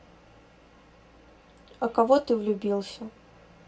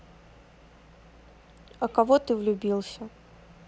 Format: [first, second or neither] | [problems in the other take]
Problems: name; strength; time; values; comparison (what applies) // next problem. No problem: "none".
second | room echo; dies away in 0.2 s